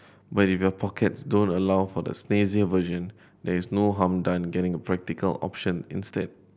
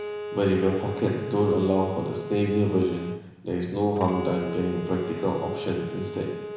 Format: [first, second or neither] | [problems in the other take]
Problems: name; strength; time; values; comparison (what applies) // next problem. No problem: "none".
first | background sound (Bowed string instrument); 10 dB below the speech // room echo; dies away in 1 s